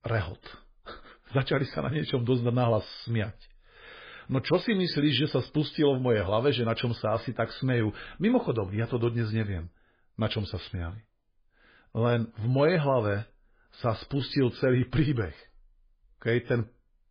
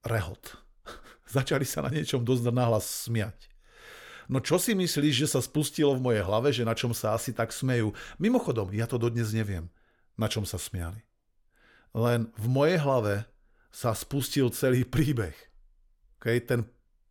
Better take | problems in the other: second | garbled, watery; badly

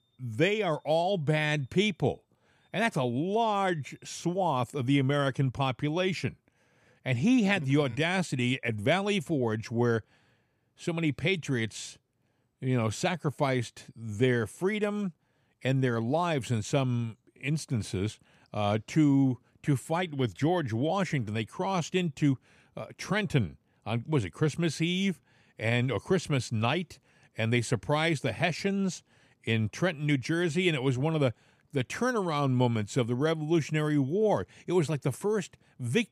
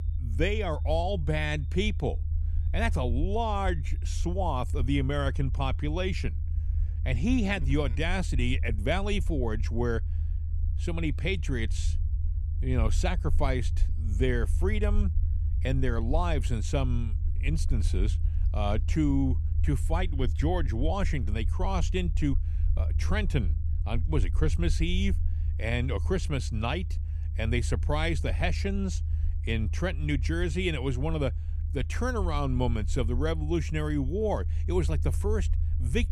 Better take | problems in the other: first | low rumble; noticeable; throughout; 15 dB below the speech

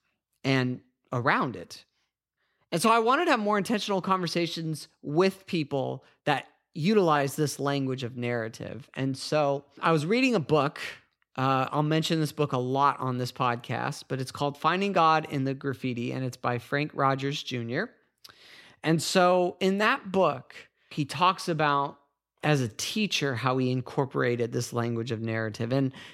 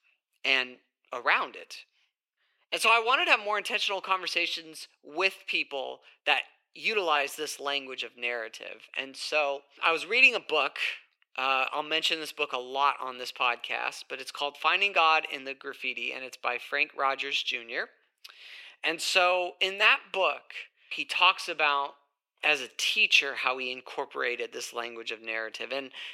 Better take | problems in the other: first | thin; very; fading below 450 Hz

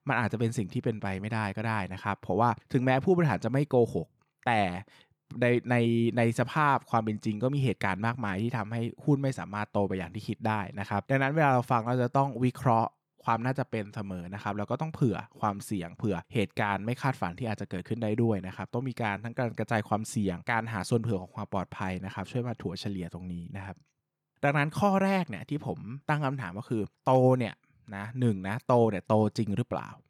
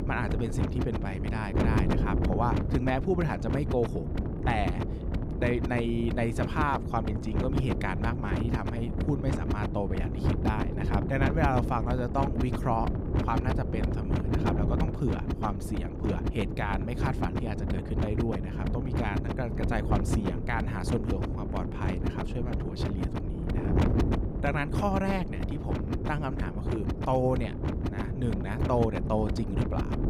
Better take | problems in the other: first | wind noise on the microphone; heavy; 4 dB below the speech

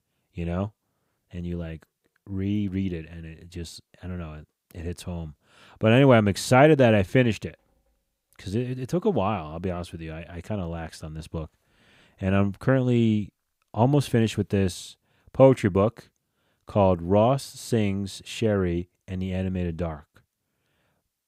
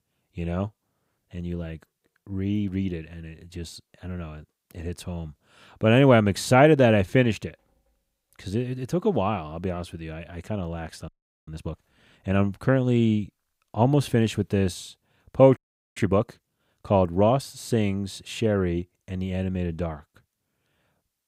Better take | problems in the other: first | audio freezing; at 11 s and at 16 s

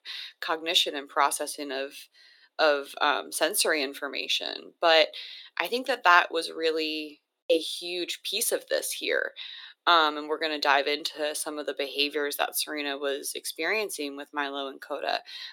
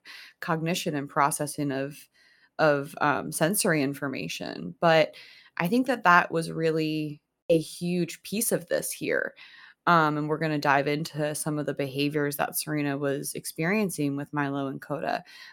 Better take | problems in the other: second | thin; somewhat; fading below 350 Hz

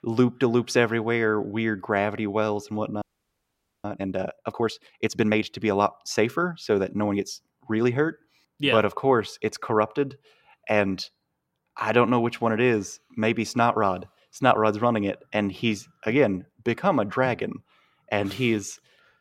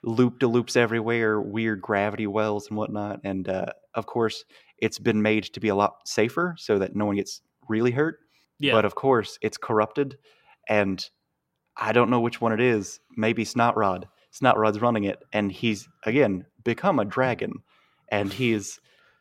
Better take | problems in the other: second | audio freezing; at 3 s for 1 s

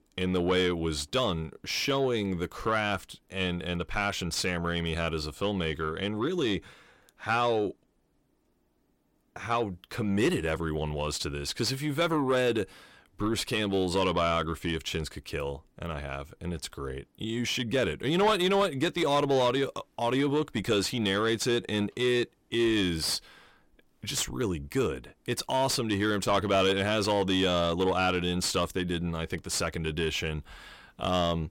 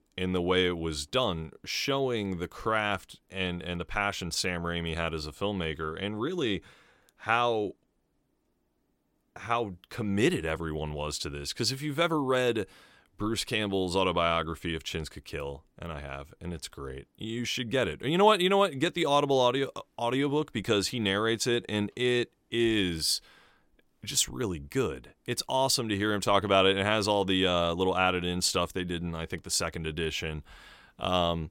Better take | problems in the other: second | distortion; slight; 10 dB below the speech

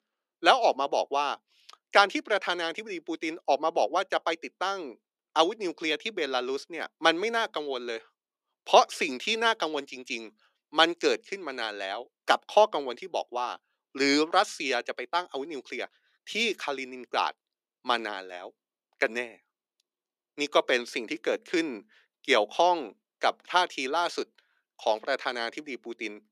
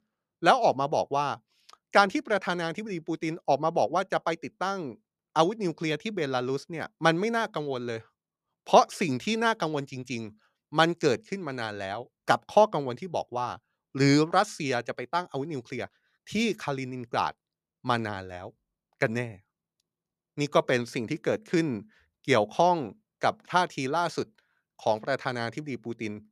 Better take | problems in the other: second | thin; somewhat; fading below 300 Hz

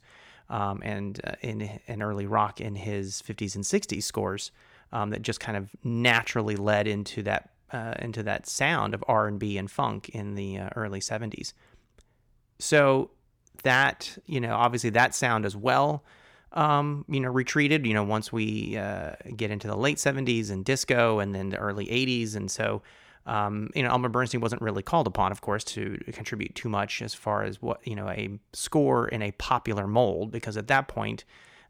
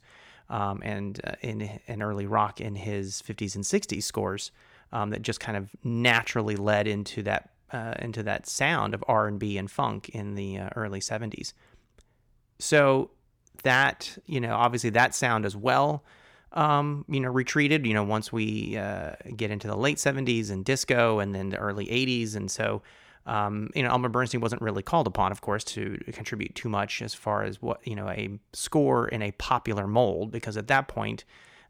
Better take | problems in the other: neither | none

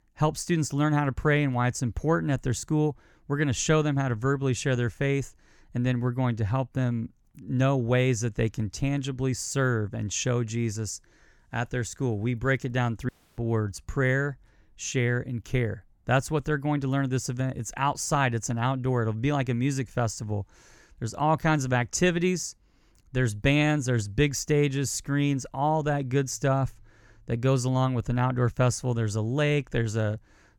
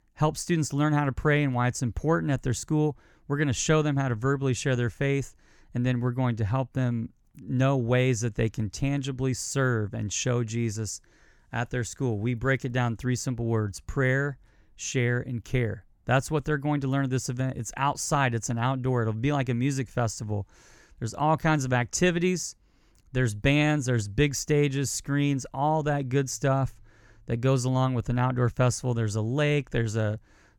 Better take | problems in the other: second | audio cutting out; at 13 s

